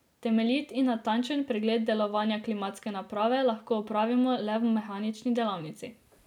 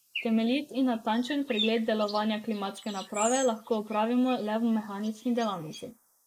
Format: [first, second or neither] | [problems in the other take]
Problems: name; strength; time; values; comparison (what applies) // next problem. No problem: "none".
first | noise reduction (neural mask model Resemble Enhance denoiser)